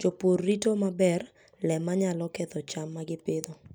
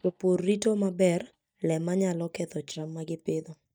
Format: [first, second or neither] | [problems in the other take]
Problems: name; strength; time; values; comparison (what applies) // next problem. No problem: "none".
first | noise reduction (neural mask model DeepFilterNet 3)